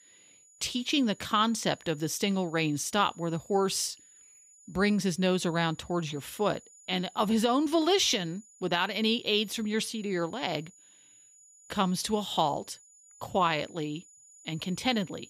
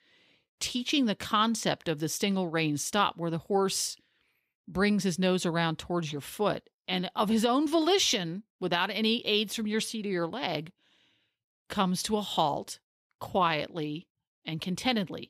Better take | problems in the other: second | high-pitched whine; faint; throughout; 7 kHz, 25 dB below the speech

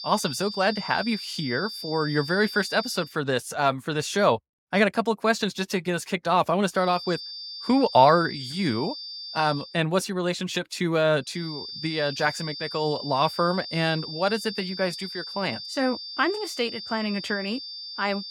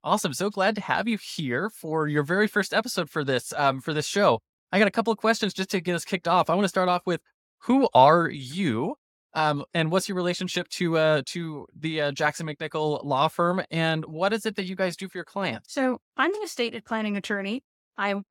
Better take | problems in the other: second | high-pitched whine; loud; until 3 s, from 7 to 9.5 s and from 11 s on; 4.5 kHz, 9 dB below the speech

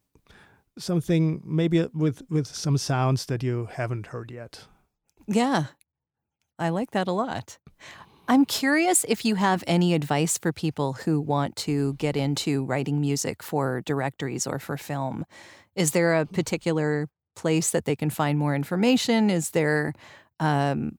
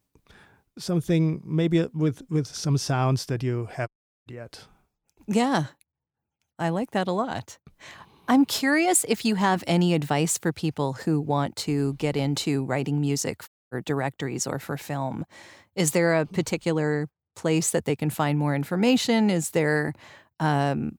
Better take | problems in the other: first | audio cutting out; at 4 s and at 13 s

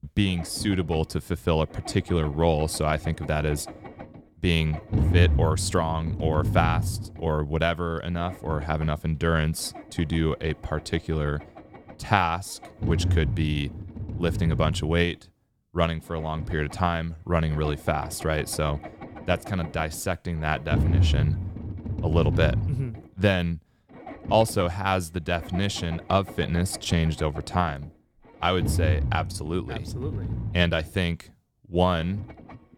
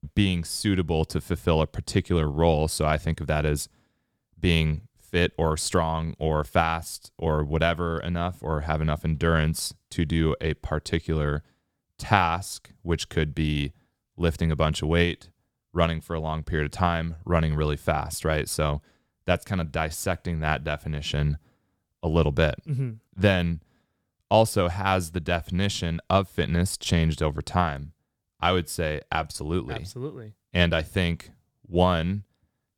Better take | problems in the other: second | low rumble; noticeable; throughout; 15 dB below the speech

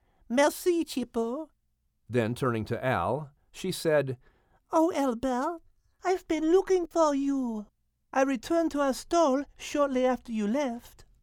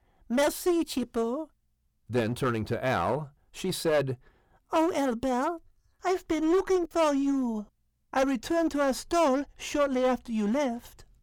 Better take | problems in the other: first | distortion; slight; 9% of the sound clipped

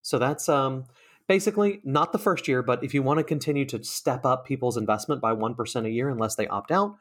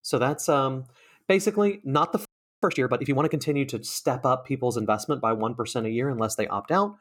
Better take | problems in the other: first | audio freezing; at 2.5 s

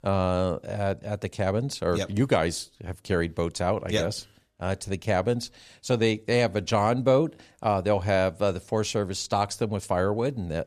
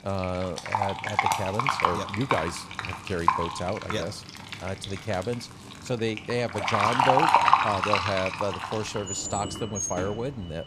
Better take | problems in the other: first | household noises; very loud; throughout; 4 dB above the speech

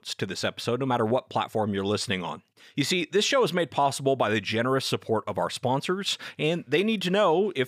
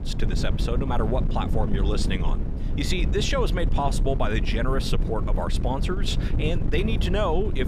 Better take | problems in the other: first | wind noise on the microphone; heavy; 9 dB below the speech

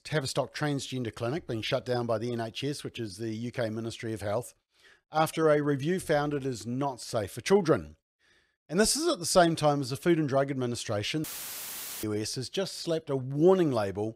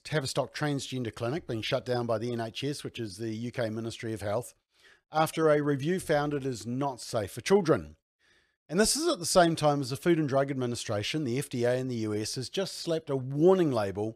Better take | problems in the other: second | audio cutting out; filled with static; at 11 s for 1 s

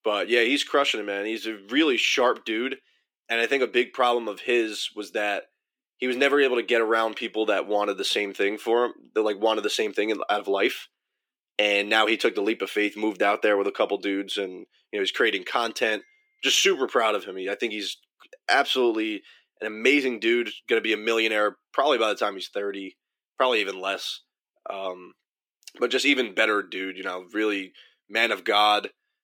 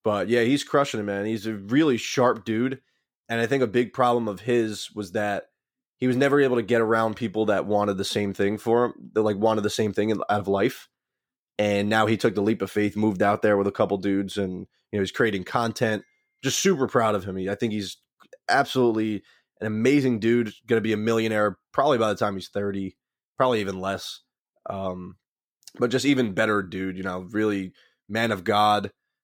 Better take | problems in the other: second | thin; very slightly; fading below 300 Hz

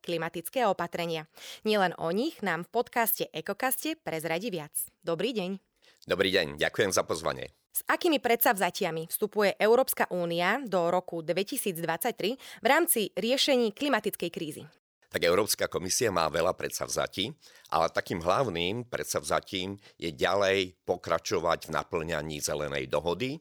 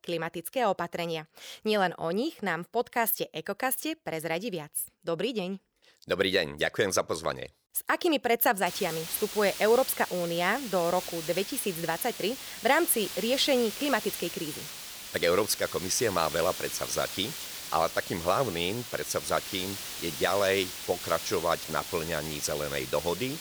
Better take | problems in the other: first | hiss; loud; from 8.5 s on; 8 dB below the speech

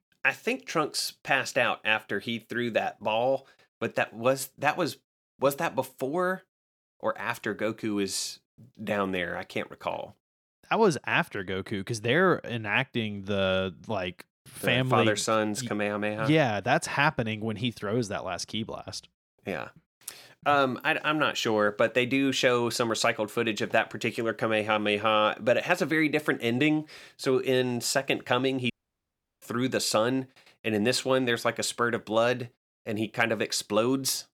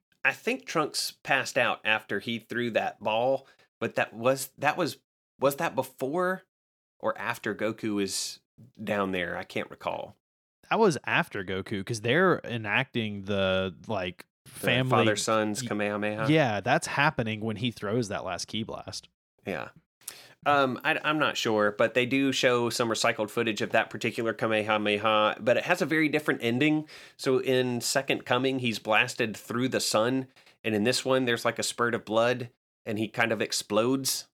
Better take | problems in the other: second | audio cutting out; at 29 s for 0.5 s

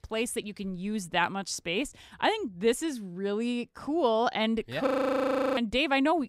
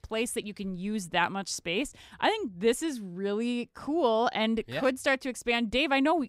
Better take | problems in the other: second | audio freezing; at 5 s for 0.5 s

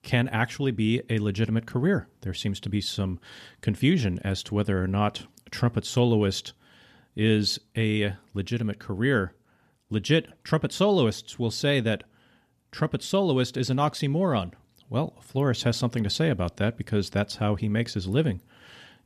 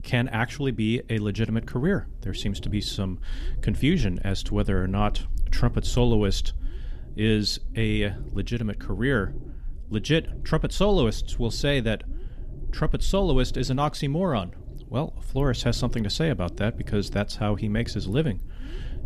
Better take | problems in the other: first | low rumble; faint; throughout; 20 dB below the speech

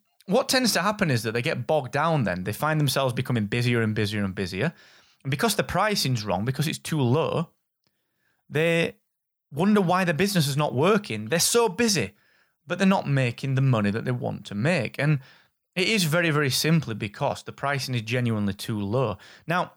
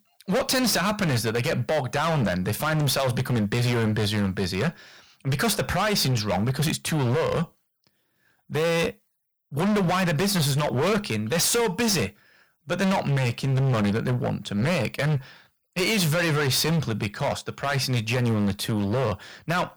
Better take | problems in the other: first | distortion; heavy; 23% of the sound clipped

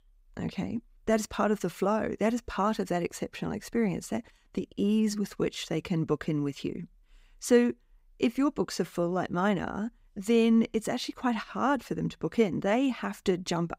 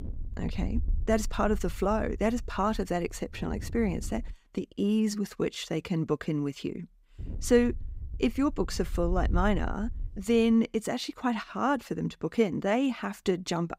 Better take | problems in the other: first | wind noise on the microphone; occasional gusts; until 4.5 s and from 7 to 11 s; 25 dB below the speech

